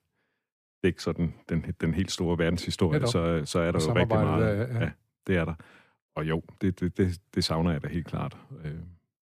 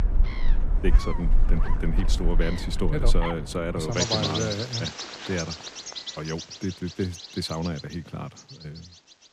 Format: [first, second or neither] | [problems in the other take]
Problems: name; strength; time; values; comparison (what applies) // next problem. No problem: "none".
first | animal sounds; very loud; throughout; 1 dB above the speech